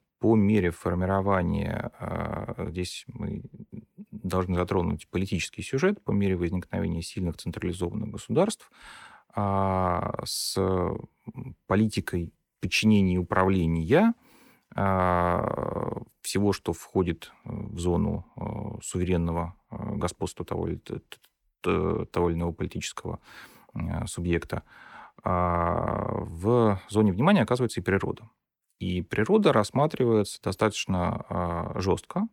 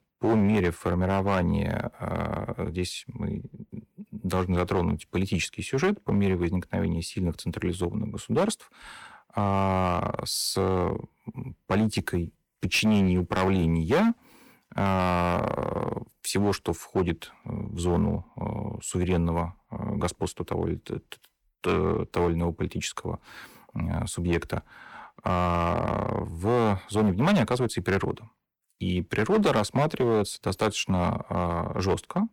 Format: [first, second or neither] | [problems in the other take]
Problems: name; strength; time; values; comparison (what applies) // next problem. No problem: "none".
first | distortion; slight; 5% of the sound clipped